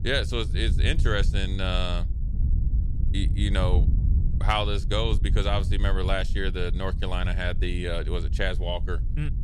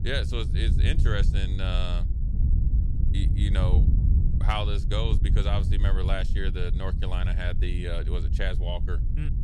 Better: first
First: wind noise on the microphone; occasional gusts; 15 dB below the speech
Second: wind noise on the microphone; heavy; 8 dB below the speech

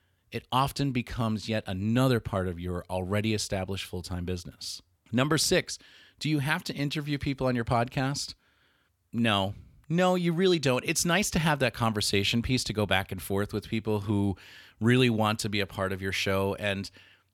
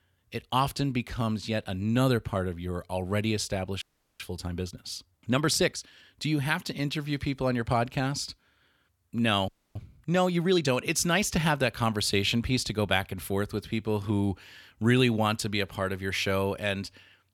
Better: first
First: none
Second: audio freezing; at 4 s and at 9.5 s

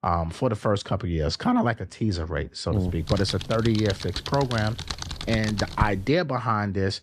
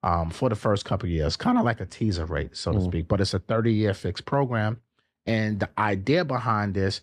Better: second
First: keyboard typing; noticeable; from 3 to 6 s; peak 4 dB below the speech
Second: none

